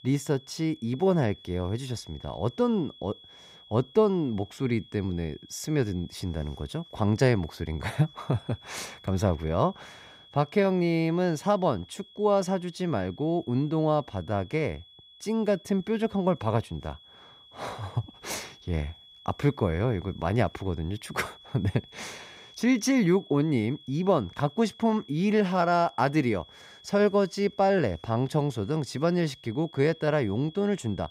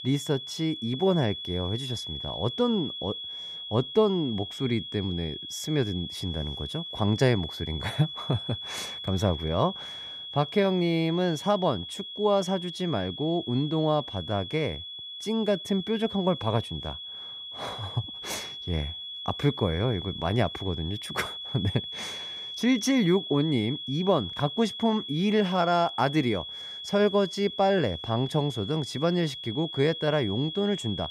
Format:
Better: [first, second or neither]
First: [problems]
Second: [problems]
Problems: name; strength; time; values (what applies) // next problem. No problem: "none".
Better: first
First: high-pitched whine; faint; throughout; 3.5 kHz, 25 dB below the speech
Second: high-pitched whine; loud; throughout; 3.5 kHz, 8 dB below the speech